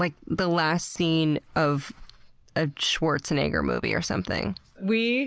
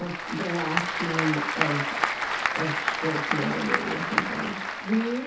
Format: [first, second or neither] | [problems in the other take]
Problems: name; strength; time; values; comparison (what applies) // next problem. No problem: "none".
first | background sound (Applause / Crowd); 2 dB above the speech // room echo; dies away in 0.5 s